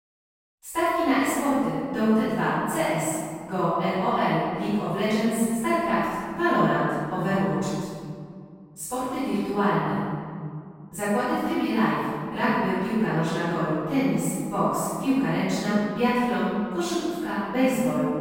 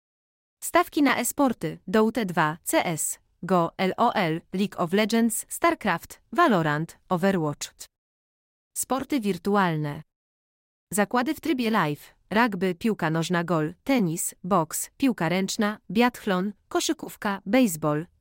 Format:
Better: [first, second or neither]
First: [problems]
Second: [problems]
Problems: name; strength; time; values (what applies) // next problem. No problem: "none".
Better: second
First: off-mic speech; far // room echo; strong; dies away in 2 s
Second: none